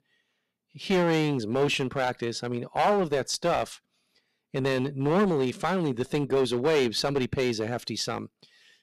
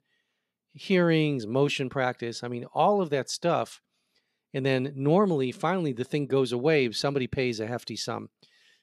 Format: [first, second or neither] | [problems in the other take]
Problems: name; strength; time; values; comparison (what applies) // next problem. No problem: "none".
second | distortion; heavy; 7% of the sound clipped